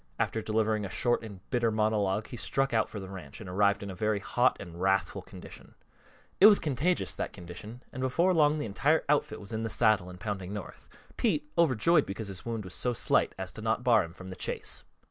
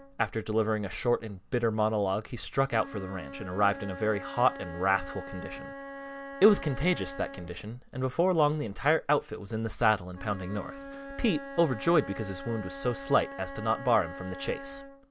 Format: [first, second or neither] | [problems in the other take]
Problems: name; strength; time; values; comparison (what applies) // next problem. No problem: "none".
first | background sound (Wind instrument, woodwind instrument); 14 dB below the speech